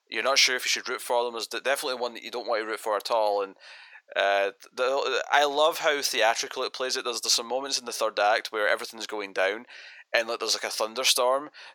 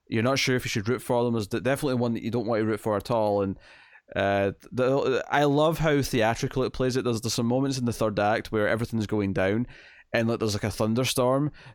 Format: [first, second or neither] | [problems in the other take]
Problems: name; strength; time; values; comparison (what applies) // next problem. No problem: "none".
second | thin; very; fading below 550 Hz